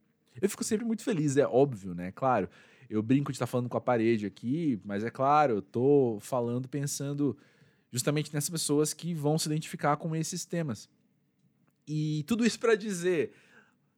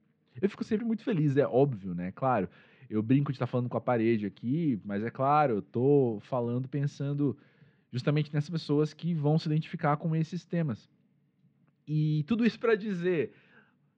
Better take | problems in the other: first | muffled; slightly; fading above 4 kHz

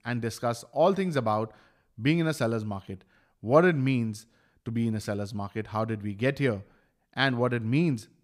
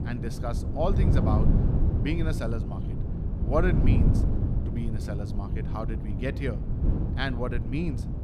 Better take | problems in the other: first | wind noise on the microphone; heavy; 5 dB below the speech

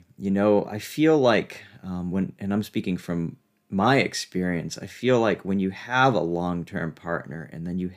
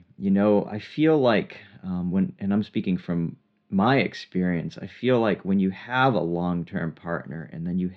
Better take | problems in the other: first | muffled; slightly; fading above 4 kHz

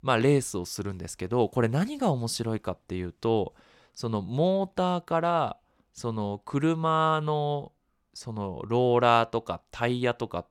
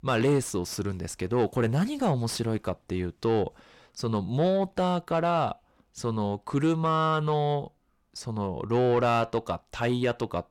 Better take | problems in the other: first | distortion; slight; 10 dB below the speech

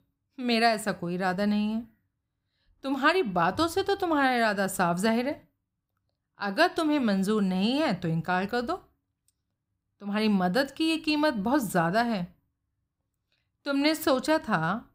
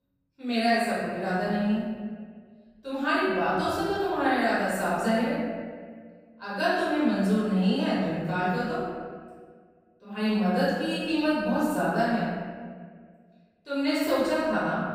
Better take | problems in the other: first | room echo; strong; dies away in 1.6 s // off-mic speech; far

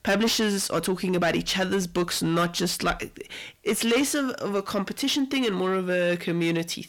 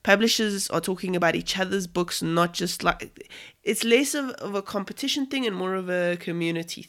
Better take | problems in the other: second | distortion; heavy; 7 dB below the speech

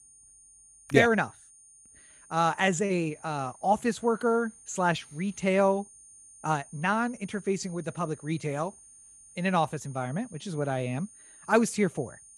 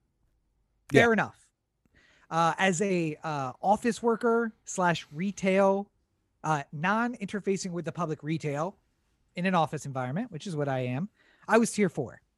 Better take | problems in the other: second | high-pitched whine; faint; throughout; 9 kHz, 20 dB below the speech

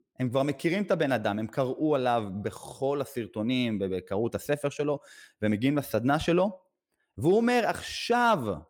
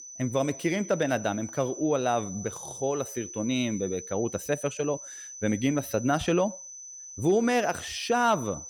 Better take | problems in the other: first | high-pitched whine; noticeable; throughout; 6 kHz, 10 dB below the speech

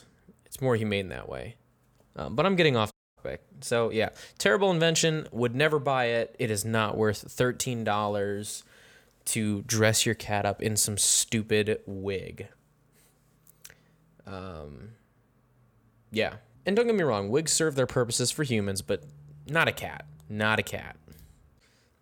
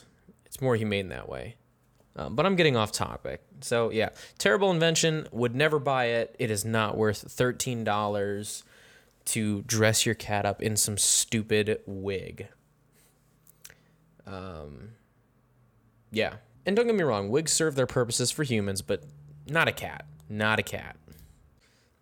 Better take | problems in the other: second | audio cutting out; at 3 s

